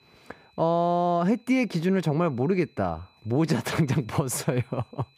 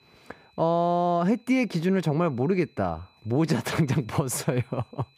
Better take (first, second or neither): neither